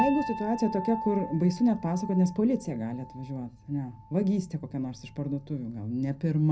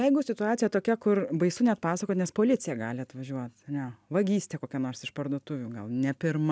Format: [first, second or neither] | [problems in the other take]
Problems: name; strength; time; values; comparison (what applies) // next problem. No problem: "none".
second | background sound (Piano); 11 dB below the speech // room echo; dies away in 0.3 s